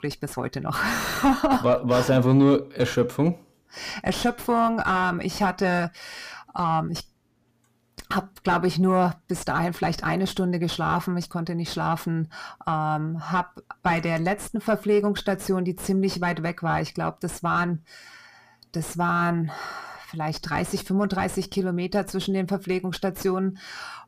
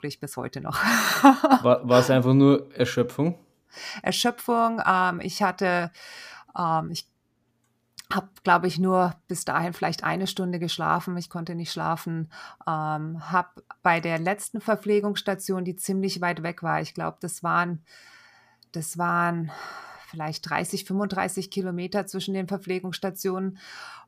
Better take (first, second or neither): second